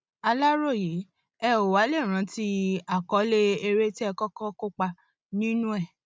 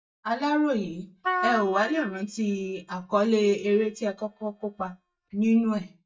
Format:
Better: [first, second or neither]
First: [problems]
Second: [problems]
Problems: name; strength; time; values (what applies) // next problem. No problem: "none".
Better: first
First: none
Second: noise reduction (neural mask model DeepFilterNet 3)